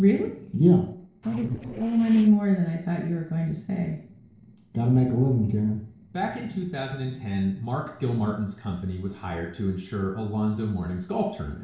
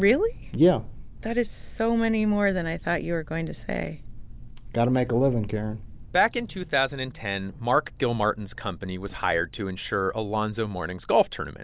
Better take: second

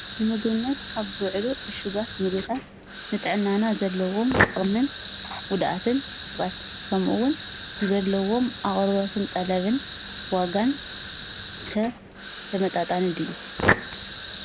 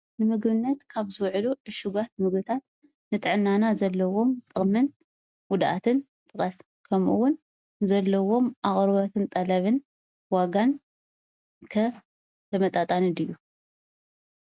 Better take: second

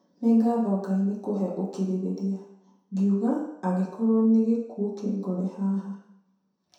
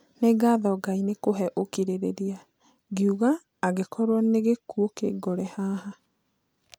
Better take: second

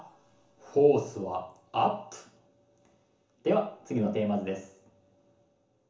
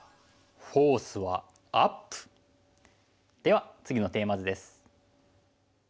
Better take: second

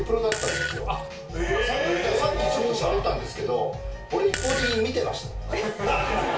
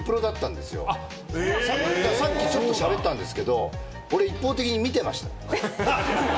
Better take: second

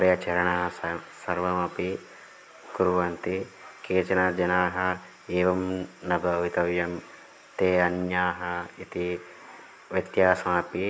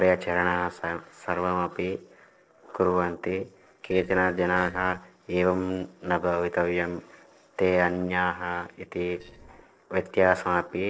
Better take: first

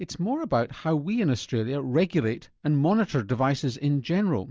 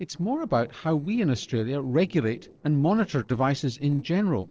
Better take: first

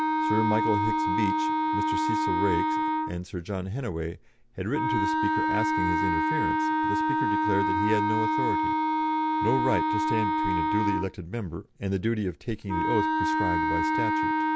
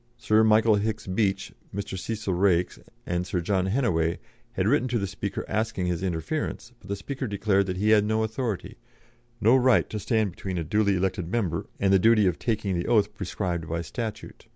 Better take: second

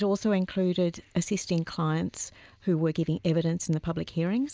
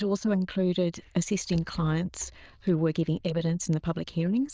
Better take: first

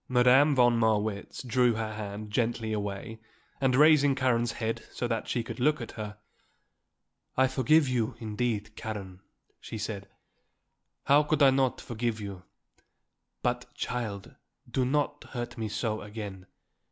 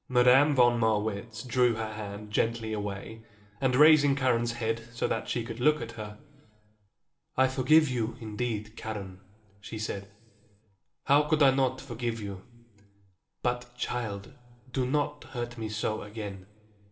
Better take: first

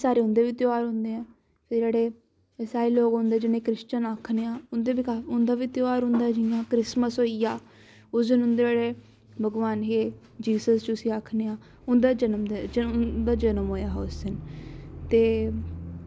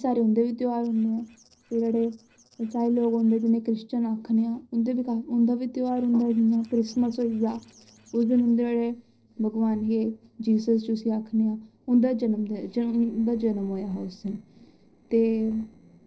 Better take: first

